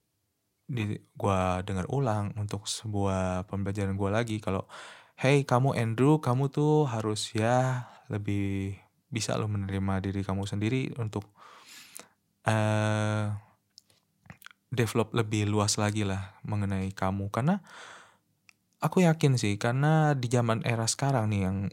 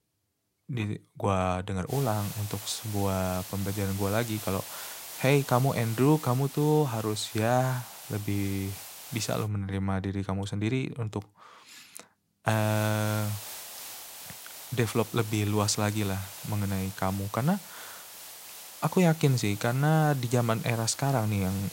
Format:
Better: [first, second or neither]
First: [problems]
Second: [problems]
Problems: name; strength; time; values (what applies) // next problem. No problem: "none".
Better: first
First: none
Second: hiss; noticeable; from 2 to 9.5 s and from 12 s on; 10 dB below the speech